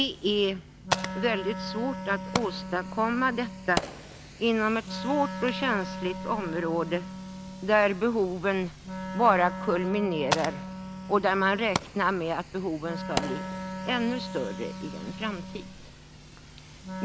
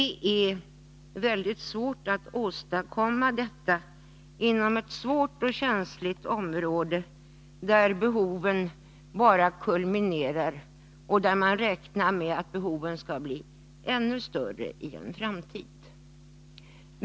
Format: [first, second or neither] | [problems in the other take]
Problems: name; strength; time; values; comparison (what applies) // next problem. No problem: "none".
second | background sound (Wind instrument, woodwind instrument + Fire); 7 dB below the speech